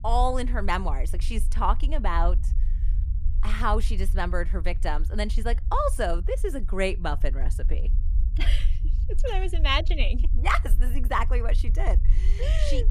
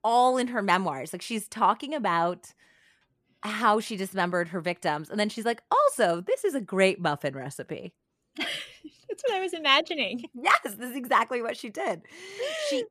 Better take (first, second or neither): second